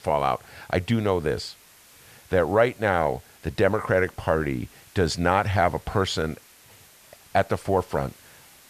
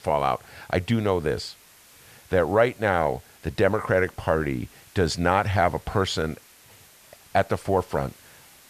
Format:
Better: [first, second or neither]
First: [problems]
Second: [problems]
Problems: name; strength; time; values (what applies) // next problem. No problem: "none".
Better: neither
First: hiss; faint; throughout; 25 dB below the speech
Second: hiss; faint; throughout; 25 dB below the speech